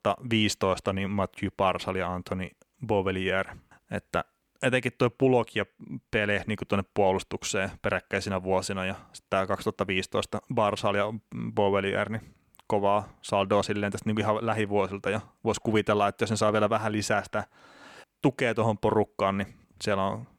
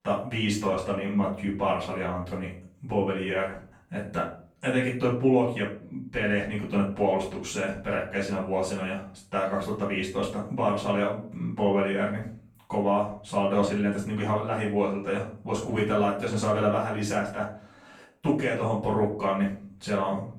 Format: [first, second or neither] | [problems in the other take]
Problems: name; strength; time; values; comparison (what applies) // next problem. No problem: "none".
first | off-mic speech; far // room echo; noticeable; dies away in 0.4 s